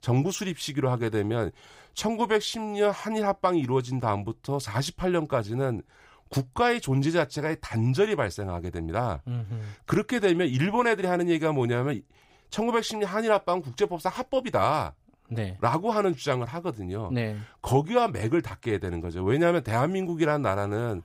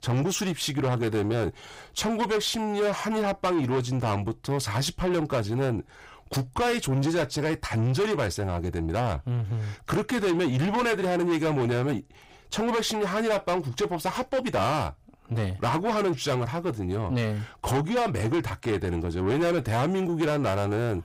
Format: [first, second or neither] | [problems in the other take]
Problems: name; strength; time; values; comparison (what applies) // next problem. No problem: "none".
first | distortion; heavy; 7 dB below the speech